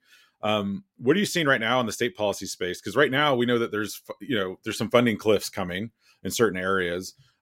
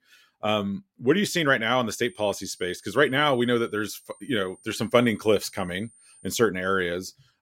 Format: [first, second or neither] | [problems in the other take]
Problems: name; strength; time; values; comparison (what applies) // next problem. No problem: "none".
first | high-pitched whine; faint; from 2 to 6.5 s; 9 kHz, 30 dB below the speech